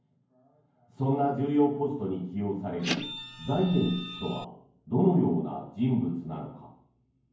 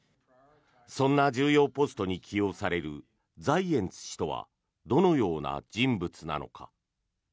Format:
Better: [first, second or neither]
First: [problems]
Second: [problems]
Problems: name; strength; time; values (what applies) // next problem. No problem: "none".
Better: second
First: background sound (Printer); 8 dB below the speech // room echo; dies away in 0.9 s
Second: none